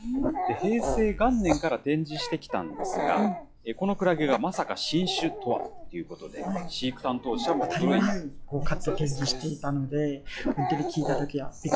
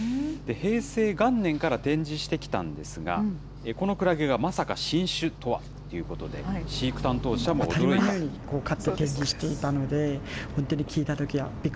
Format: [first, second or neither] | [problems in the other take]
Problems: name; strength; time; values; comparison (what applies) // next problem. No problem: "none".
second | noise reduction (classical method log-MMSE)